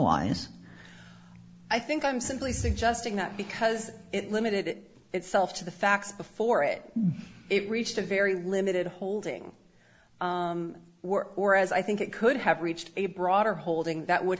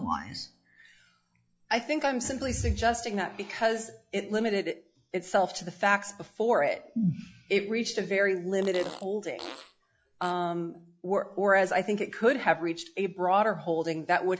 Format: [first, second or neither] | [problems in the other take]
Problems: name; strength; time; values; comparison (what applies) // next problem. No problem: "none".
first | noise reduction (classical method log-MMSE)